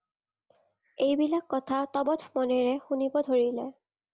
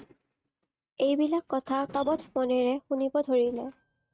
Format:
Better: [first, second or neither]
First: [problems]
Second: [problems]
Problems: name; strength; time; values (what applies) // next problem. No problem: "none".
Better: first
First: none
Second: noise reduction (neural mask model RNNoise)